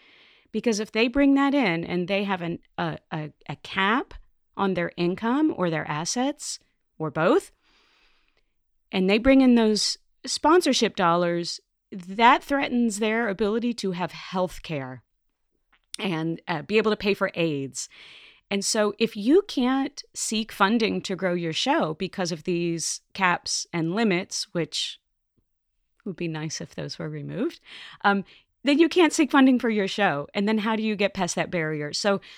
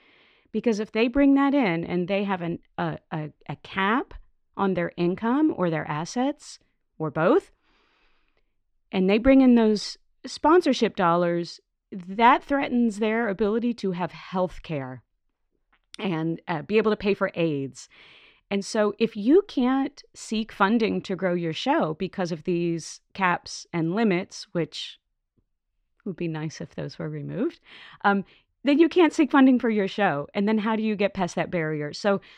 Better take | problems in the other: first | muffled; slightly; fading above 2 kHz

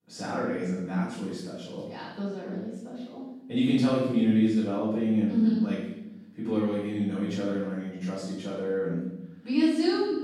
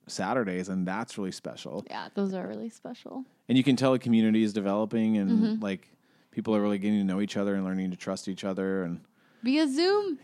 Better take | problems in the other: second | off-mic speech; far // room echo; strong; dies away in 0.9 s

